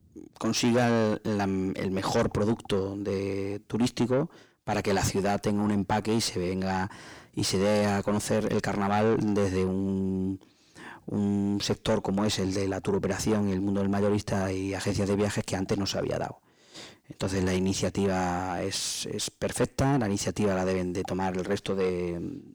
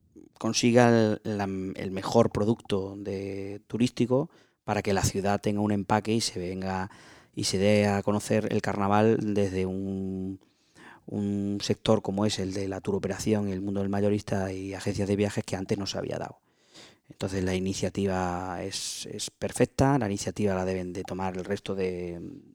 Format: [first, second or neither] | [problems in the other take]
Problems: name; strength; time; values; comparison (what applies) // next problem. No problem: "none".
second | distortion; heavy; 6 dB below the speech